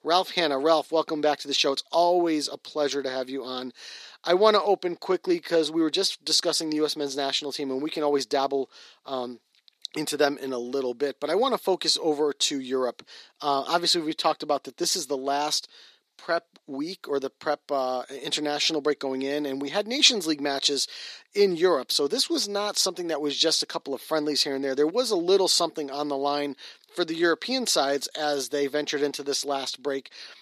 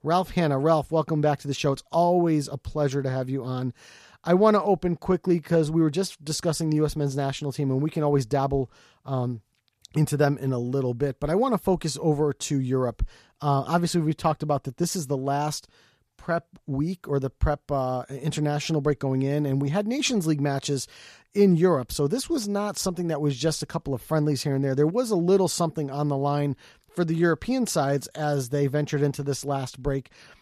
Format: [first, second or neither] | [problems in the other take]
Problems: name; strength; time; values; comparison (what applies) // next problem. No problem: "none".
second | thin; somewhat; fading below 300 Hz